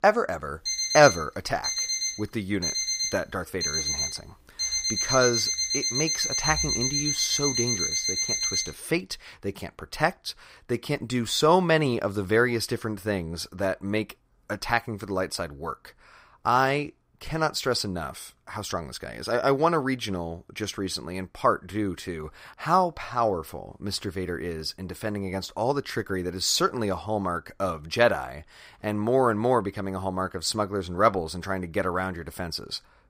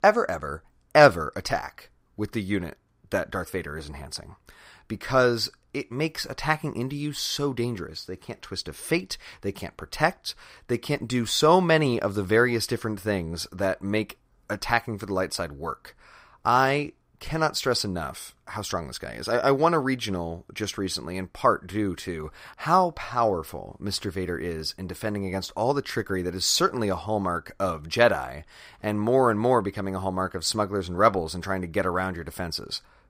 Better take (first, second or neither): second